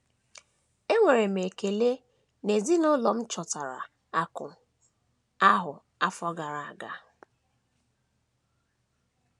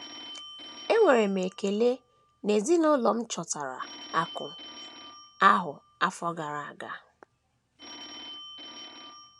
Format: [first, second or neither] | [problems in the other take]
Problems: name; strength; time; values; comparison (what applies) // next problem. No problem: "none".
first | background sound (Telephone); 18 dB below the speech